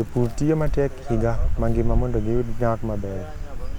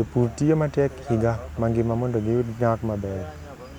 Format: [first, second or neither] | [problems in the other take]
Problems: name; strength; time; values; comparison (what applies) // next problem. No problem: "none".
second | background sound (Wind); as loud as the speech